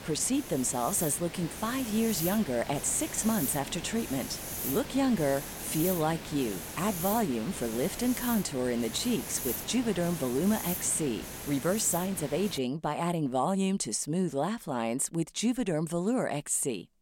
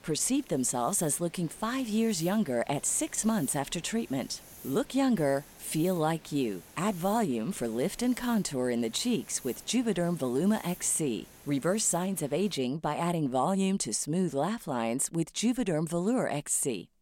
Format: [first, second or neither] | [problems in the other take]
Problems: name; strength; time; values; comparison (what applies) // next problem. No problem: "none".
second | hiss; loud; until 13 s; 7 dB below the speech; faint in the second